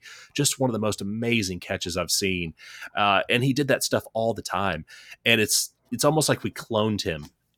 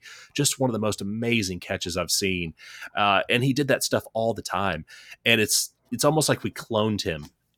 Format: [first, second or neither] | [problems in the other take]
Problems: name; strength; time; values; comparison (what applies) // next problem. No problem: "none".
neither | none